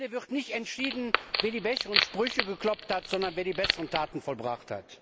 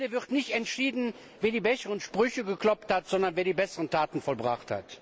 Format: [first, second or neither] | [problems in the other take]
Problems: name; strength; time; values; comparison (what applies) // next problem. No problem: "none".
second | background sound (Wood); as loud as the speech